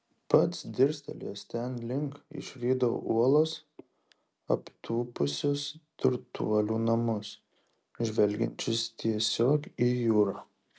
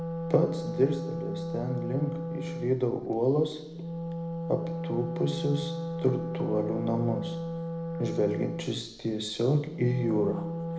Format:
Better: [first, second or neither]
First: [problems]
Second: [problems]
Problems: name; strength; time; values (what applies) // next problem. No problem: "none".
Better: first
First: none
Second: background sound (Wind instrument, woodwind instrument); 5 dB below the speech // room echo; dies away in 0.9 s